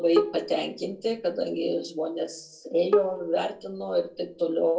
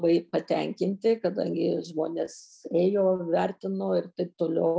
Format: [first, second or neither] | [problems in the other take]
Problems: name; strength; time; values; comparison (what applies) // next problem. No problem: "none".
second | background sound (Bowed string instrument); 6 dB below the speech // room echo; dies away in 0.2 s